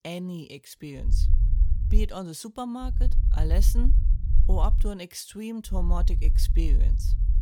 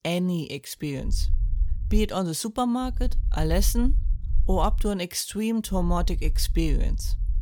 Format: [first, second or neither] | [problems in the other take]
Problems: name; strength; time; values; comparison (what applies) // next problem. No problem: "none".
second | low rumble; loud; from 1 to 2 s, from 3 to 5 s and from 5.5 s on; 10 dB below the speech; faint in the second